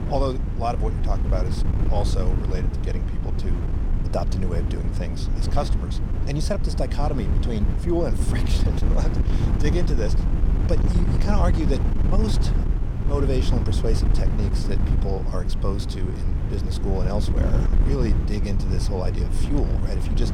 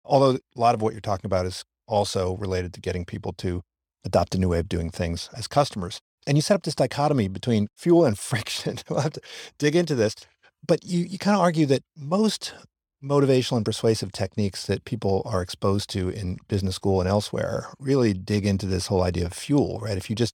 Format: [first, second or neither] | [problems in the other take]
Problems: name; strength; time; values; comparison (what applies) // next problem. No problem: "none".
second | wind noise on the microphone; heavy; 4 dB below the speech